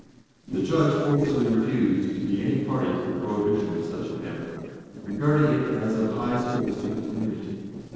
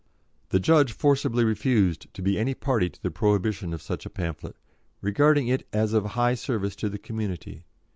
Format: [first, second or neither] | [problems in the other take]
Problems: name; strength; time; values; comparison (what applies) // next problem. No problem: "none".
second | noise reduction (neural separator model SepFormer DNS4)